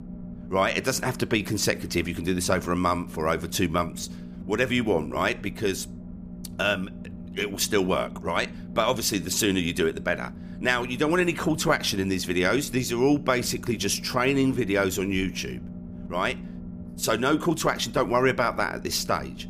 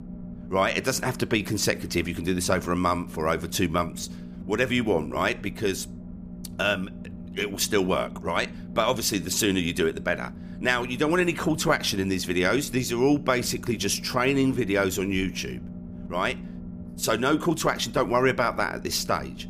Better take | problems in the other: neither | low rumble; faint; throughout; 20 dB below the speech; the same in both

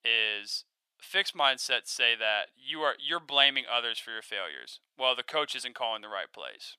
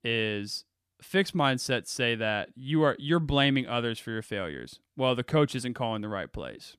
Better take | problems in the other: second | thin; very; fading below 850 Hz

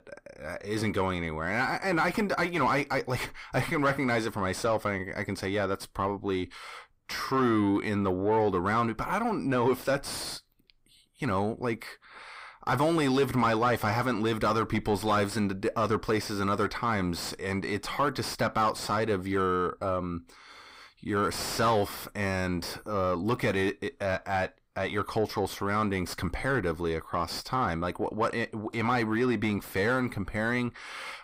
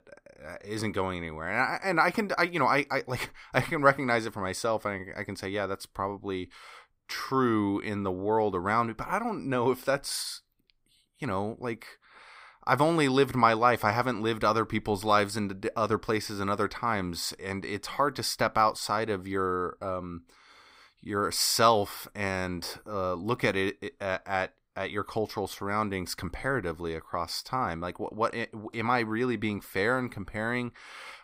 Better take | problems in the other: second | distortion; heavy; 7 dB below the speech

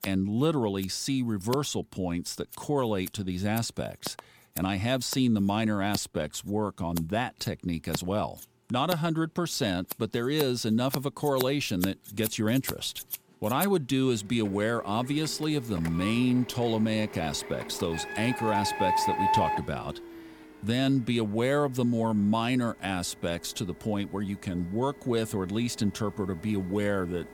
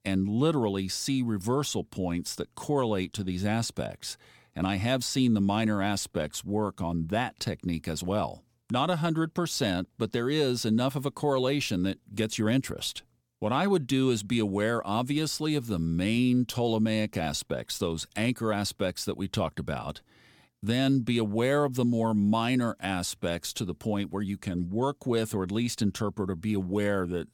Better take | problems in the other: second | household noises; loud; throughout; 7 dB below the speech

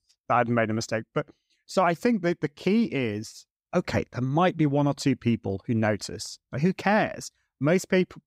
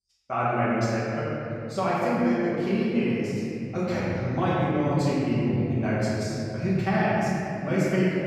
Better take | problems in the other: first | off-mic speech; far // room echo; strong; dies away in 3 s

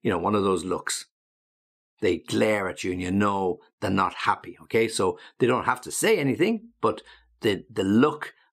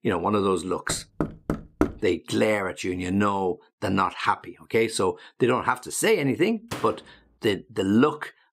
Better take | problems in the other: first | door banging; noticeable; at 1 s; peak 3 dB below the speech // door banging; faint; at 6.5 s; peak 10 dB below the speech

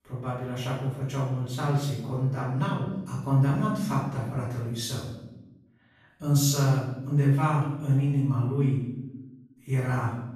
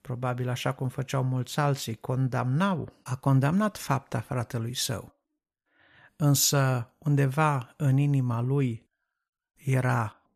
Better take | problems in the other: second | room echo; noticeable; dies away in 1 s // off-mic speech; far

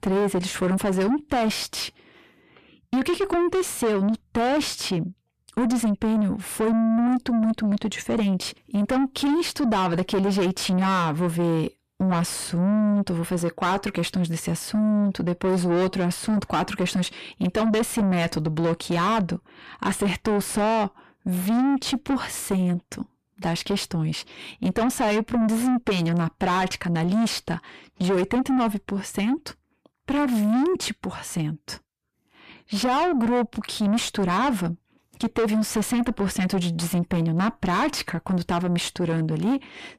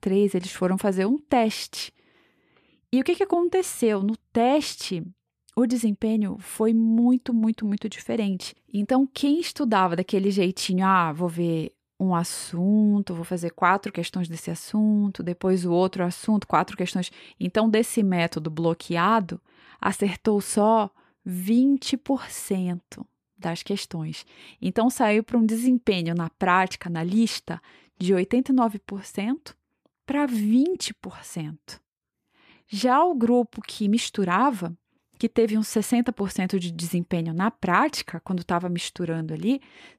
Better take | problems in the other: second | distortion; heavy; 6 dB below the speech

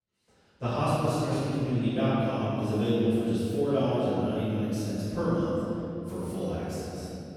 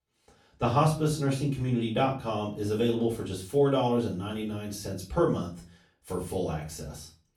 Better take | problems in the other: second | room echo; strong; dies away in 2.9 s; slight in the second // off-mic speech; far; far in the second

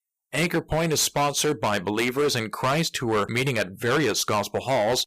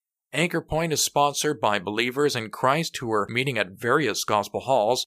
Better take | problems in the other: second | distortion; heavy; 14% of the sound clipped

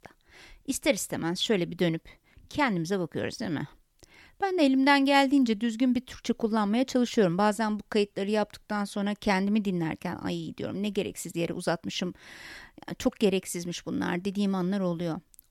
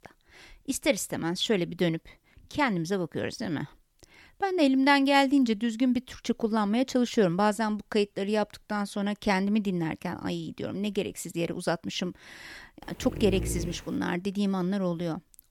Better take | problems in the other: first | dog barking; noticeable; at 13 s; peak 5 dB below the speech

